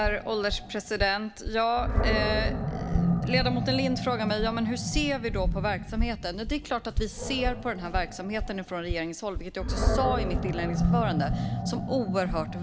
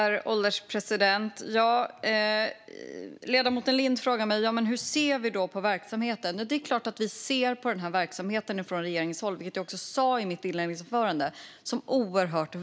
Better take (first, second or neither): second